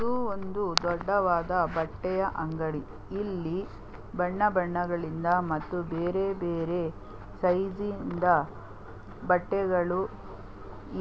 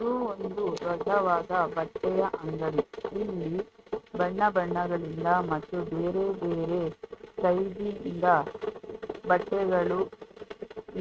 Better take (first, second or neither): first